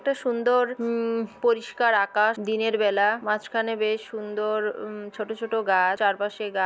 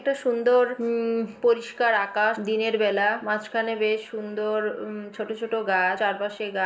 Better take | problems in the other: first | room echo; dies away in 1.9 s

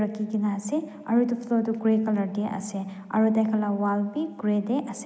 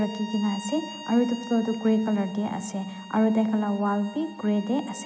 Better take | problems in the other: first | background sound (Bowed string instrument); 17 dB below the speech

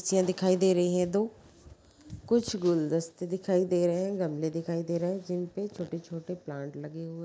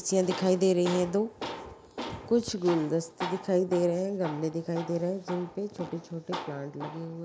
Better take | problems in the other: first | background sound (Tools); 12 dB below the speech

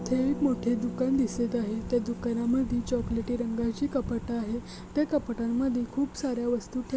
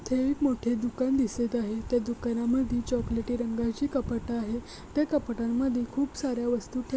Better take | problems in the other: second | background sound (Harp); 13 dB below the speech

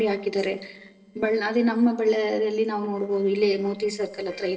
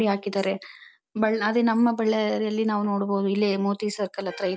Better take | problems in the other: second | noise reduction (neural separator model SepFormer DNS4)

